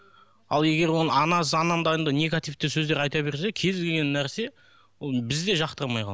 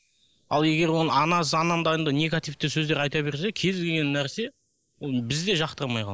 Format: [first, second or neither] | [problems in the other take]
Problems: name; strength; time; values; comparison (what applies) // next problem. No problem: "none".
first | noise reduction (neural mask model Resemble Enhance denoiser)